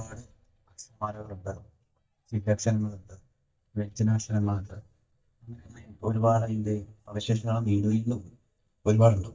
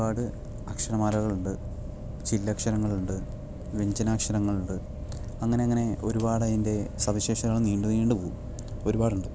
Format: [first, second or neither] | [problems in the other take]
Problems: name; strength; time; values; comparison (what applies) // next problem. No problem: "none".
second | noise reduction (neural mask model DeepFilterNet 3)